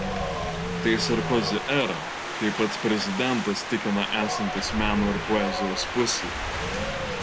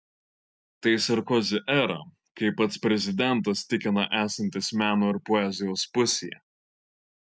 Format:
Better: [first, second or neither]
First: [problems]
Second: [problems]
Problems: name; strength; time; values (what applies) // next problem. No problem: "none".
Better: second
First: background sound (Wind); 3 dB below the speech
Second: none